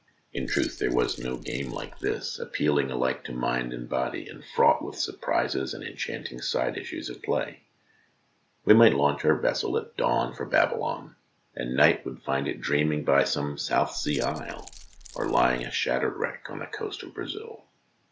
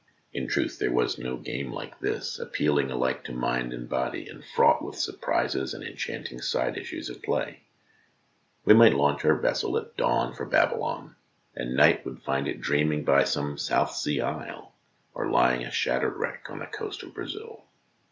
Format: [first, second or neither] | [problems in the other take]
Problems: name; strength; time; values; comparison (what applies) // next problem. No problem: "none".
second | background sound (Keys jangling); 14 dB below the speech